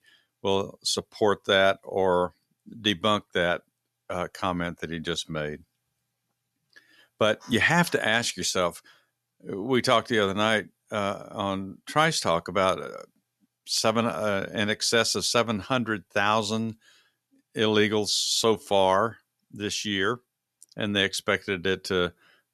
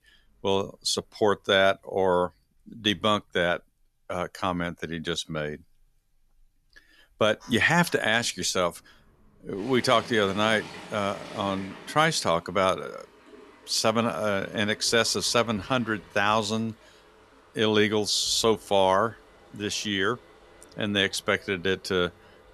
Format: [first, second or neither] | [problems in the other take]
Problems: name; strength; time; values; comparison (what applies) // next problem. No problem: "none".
first | household noises; faint; throughout; 20 dB below the speech